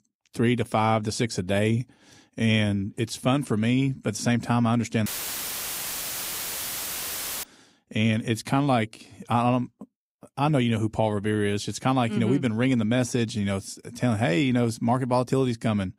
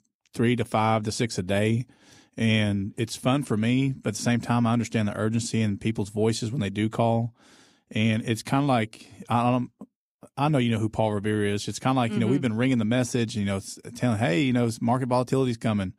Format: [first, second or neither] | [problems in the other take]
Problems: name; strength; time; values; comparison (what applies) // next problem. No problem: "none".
second | audio cutting out; filled with static; at 5 s for 2.5 s